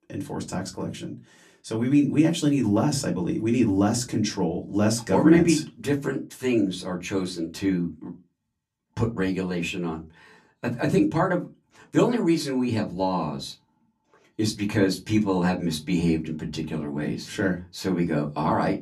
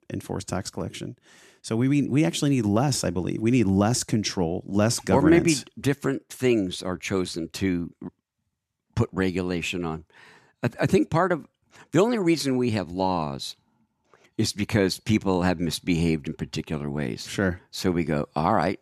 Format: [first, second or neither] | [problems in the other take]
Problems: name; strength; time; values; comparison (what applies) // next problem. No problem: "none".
second | off-mic speech; far // room echo; very slight; dies away in 0.2 s